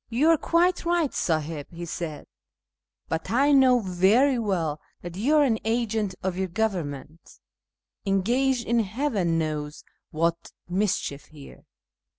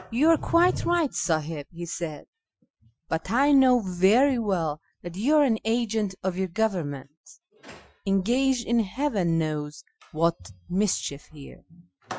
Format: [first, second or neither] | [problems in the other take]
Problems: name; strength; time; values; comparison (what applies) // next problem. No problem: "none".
first | noise reduction (classical method Wiener filter)